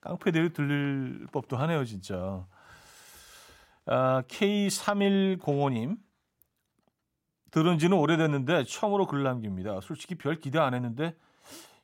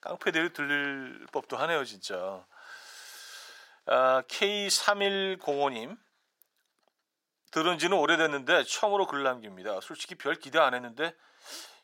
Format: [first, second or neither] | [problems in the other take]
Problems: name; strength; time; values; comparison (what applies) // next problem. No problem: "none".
first | thin; very; fading below 500 Hz